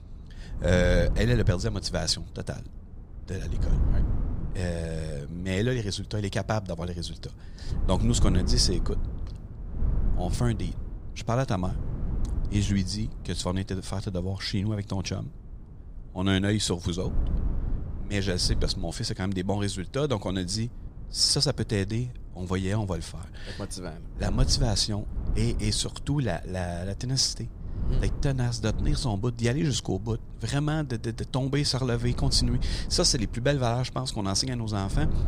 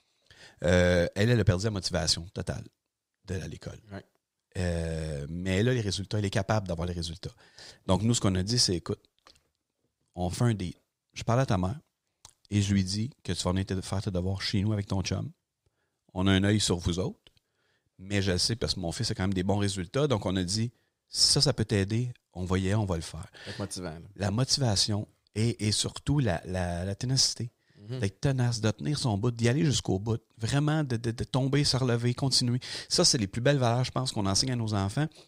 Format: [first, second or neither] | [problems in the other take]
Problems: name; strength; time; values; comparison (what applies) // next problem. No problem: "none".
second | wind noise on the microphone; occasional gusts; 15 dB below the speech